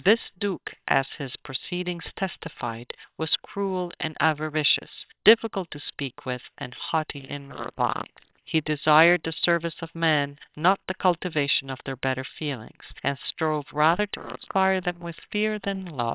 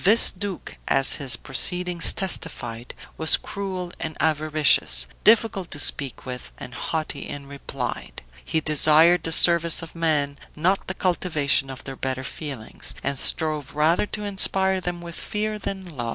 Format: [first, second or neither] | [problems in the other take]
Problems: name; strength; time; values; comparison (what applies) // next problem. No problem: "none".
second | noise reduction (neural separator model SepFormer WHAMR!)